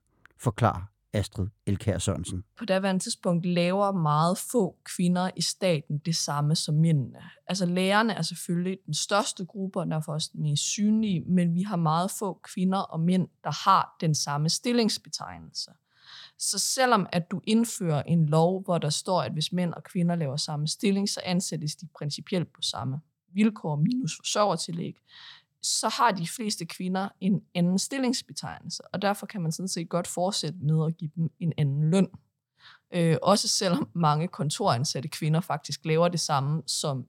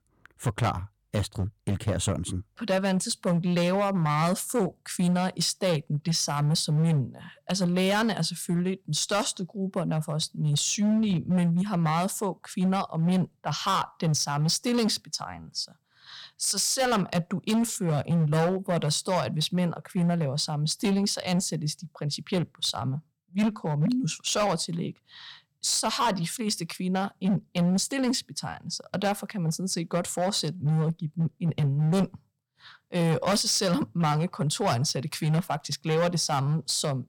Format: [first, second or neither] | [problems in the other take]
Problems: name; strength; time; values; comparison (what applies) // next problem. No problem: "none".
first | distortion; slight; 9% of the sound clipped